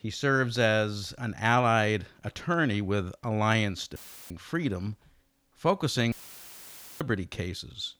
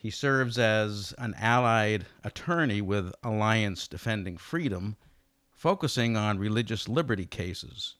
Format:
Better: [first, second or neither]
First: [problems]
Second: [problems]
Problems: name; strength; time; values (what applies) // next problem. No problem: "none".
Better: second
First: audio cutting out; filled with static; at 4 s and at 6 s for 1 s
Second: none